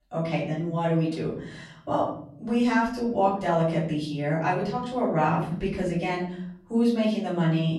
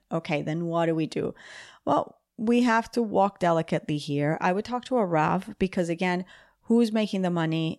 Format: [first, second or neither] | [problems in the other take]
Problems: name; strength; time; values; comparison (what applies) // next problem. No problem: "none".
second | off-mic speech; far // room echo; noticeable; dies away in 0.9 s